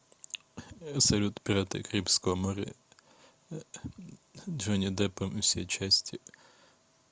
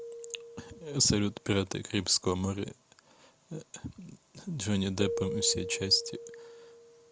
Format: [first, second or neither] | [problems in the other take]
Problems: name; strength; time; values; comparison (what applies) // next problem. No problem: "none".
first | background sound (Keyboard (musical)); 10 dB below the speech